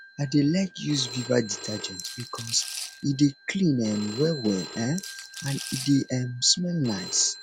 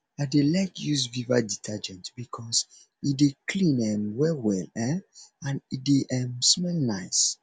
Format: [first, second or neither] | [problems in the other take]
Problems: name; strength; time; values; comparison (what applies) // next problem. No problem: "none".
second | background sound (Telephone + Rattle / Rattle (instrument)); 13 dB below the speech